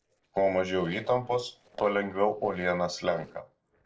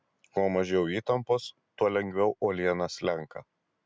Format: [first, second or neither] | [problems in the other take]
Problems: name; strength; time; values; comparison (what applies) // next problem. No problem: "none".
second | noise reduction (neural separator model SepFormer DNS4)